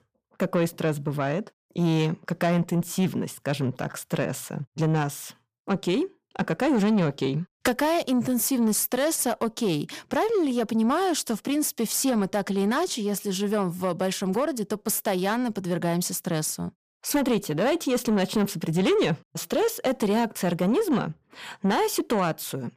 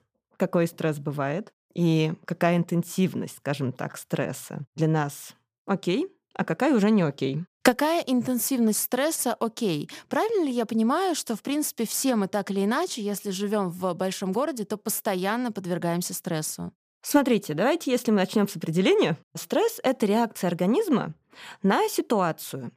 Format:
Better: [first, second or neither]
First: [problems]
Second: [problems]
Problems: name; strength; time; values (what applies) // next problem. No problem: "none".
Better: second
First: distortion; slight; 10 dB below the speech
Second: none